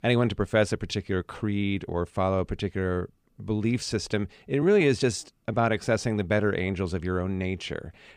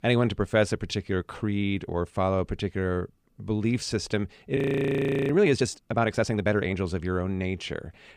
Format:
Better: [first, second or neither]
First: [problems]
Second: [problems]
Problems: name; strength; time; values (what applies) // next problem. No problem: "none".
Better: first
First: none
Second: audio freezing; at 4.5 s for 0.5 s